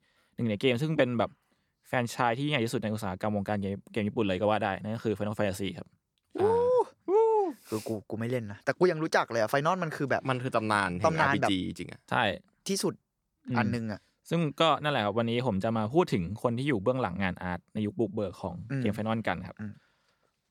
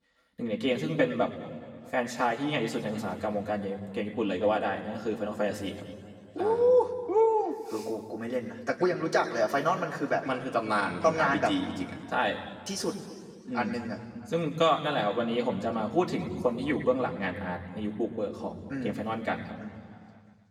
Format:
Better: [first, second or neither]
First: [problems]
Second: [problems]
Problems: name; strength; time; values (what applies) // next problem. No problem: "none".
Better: first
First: none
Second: room echo; slight; dies away in 1.9 s // off-mic speech; somewhat distant